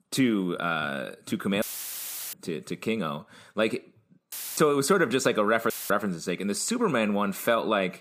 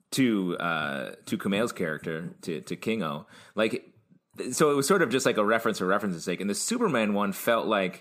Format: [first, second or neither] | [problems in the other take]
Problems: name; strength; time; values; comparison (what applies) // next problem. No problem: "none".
second | audio cutting out; filled with static; at 1.5 s for 0.5 s, at 4.5 s and at 5.5 s